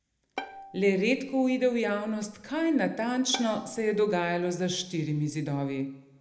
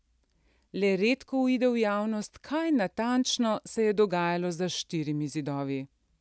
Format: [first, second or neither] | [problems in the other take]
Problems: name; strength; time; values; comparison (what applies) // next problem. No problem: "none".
second | background sound (Bowed string instrument); 18 dB below the speech // room echo; dies away in 0.7 s